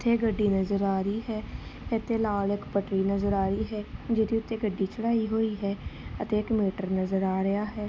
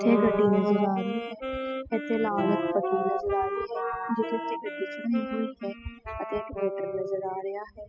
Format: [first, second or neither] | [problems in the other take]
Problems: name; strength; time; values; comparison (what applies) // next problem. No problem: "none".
first | noise reduction (classical method spectral subtraction)